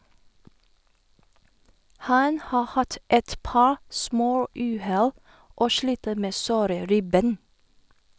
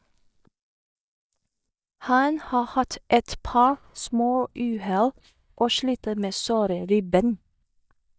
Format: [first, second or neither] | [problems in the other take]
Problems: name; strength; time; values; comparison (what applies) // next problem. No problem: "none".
first | noise reduction (neural mask model DeepFilterNet 3)